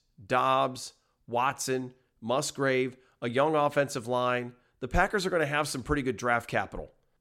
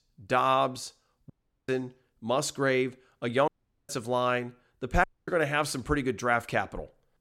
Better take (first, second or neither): first